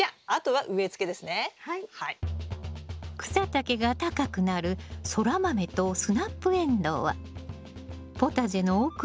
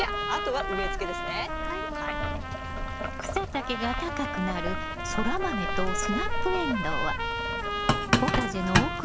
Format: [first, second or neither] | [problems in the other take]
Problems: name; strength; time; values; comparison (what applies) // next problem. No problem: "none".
first | background sound (Boiling + Trumpet); 3 dB above the speech